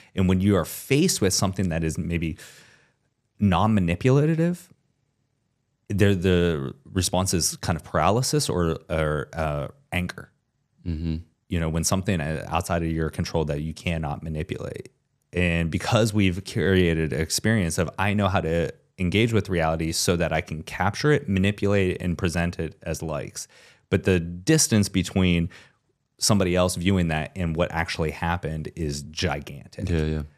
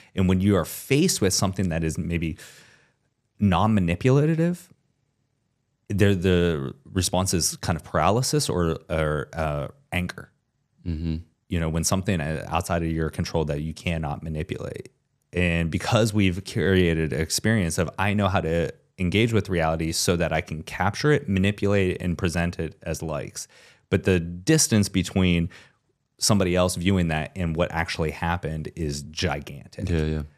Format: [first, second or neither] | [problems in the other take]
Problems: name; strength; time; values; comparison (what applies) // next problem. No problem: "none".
neither | none